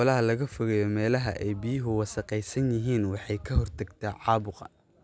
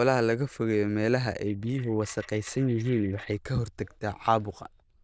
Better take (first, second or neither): first